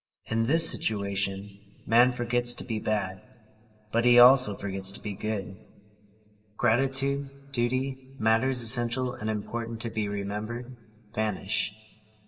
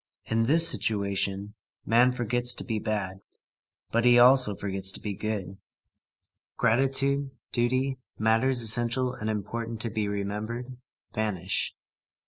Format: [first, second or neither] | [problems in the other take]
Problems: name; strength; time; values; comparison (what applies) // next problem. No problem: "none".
second | room echo; dies away in 2.2 s